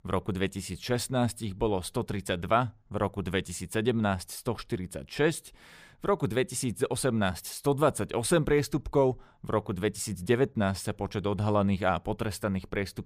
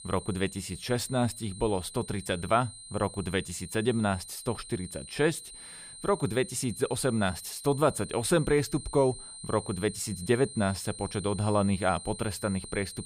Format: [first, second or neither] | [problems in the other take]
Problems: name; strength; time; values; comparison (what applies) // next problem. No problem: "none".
first | high-pitched whine; noticeable; throughout; 9 kHz, 15 dB below the speech